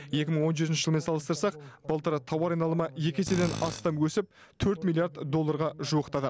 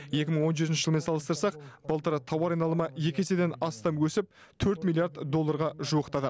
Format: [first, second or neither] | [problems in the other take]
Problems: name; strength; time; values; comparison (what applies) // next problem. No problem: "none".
second | background sound (Tools); 10 dB below the speech